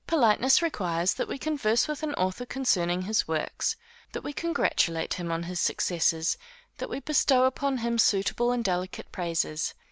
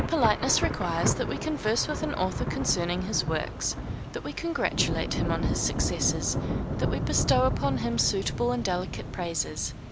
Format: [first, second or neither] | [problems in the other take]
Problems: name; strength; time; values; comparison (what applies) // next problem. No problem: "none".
first | background sound (Thunder / Rain); 2 dB below the speech